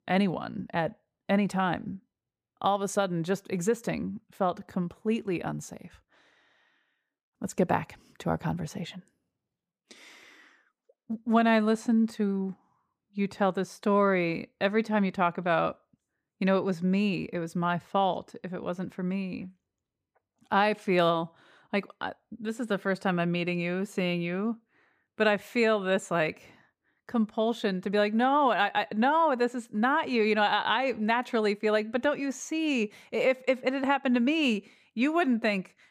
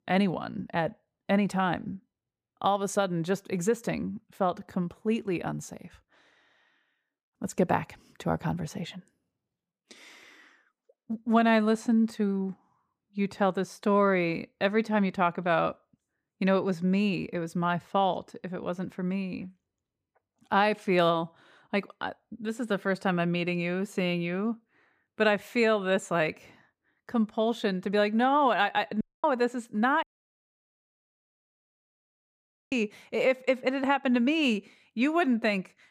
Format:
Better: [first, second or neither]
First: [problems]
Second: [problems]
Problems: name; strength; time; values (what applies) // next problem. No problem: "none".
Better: first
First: none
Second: audio cutting out; at 29 s and at 30 s for 2.5 s